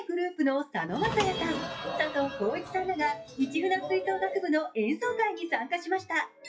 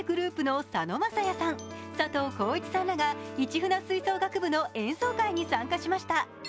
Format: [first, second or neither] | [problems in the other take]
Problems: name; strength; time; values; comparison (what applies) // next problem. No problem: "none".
second | noise reduction (classical method WPE with log-MMSE)